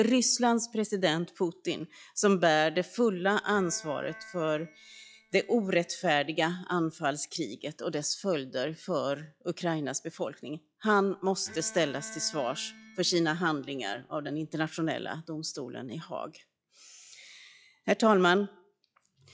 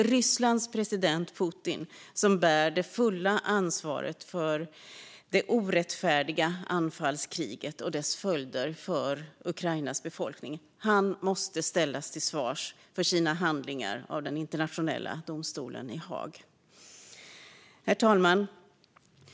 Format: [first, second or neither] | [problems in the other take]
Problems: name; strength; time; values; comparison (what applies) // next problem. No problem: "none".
second | noise reduction (classical method log-MMSE)